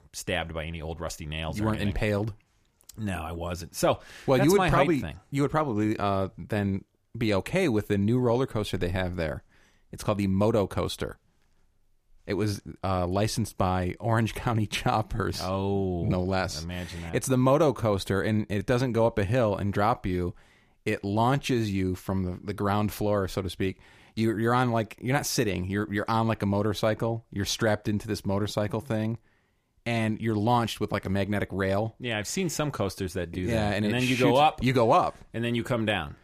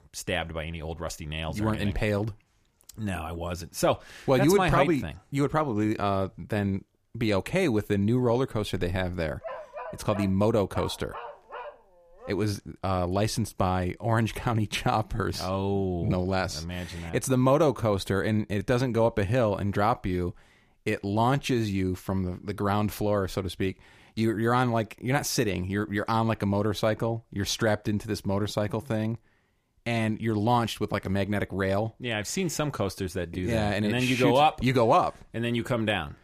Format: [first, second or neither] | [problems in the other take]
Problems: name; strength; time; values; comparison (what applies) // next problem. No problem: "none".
first | dog barking; faint; from 9.5 to 12 s; peak 10 dB below the speech